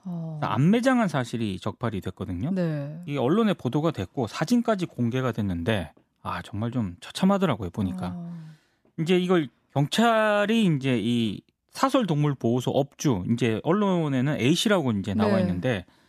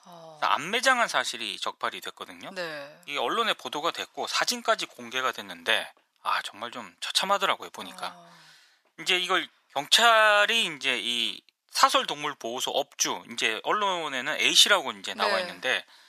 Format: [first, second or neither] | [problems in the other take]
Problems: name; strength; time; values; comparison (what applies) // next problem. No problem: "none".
first | thin; very; fading below 1 kHz